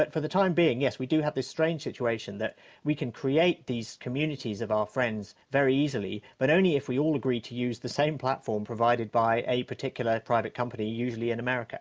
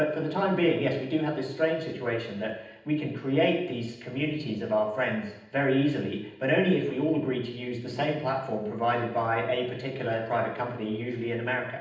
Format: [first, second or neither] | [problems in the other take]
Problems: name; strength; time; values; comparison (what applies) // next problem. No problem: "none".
first | room echo; dies away in 0.9 s